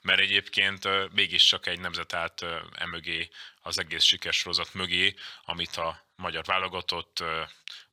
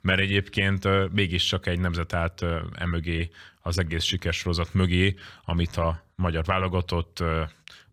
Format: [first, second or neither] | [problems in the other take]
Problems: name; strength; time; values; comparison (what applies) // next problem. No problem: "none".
second | thin; very; fading below 1 kHz